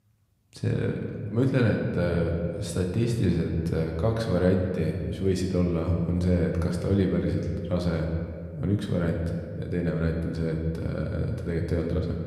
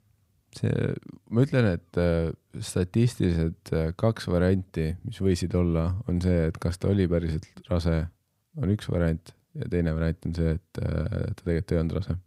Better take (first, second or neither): second